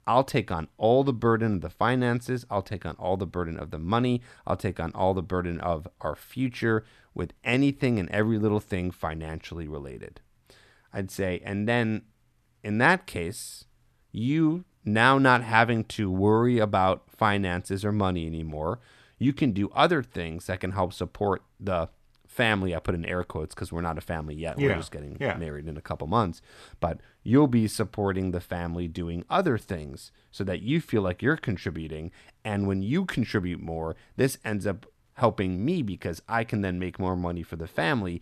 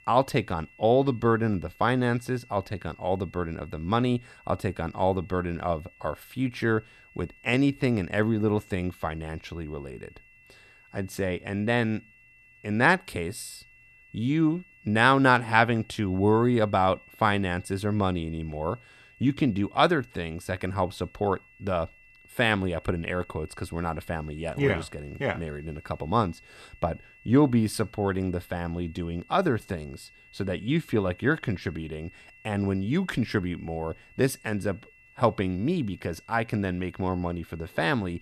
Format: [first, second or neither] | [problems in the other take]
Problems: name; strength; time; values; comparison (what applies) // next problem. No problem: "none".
first | high-pitched whine; faint; throughout; 2.5 kHz, 25 dB below the speech